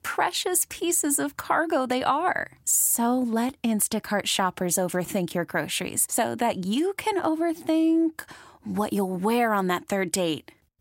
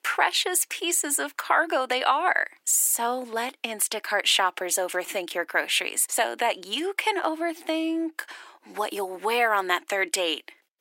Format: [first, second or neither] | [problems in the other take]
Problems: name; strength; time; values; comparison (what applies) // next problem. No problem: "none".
first | thin; very; fading below 350 Hz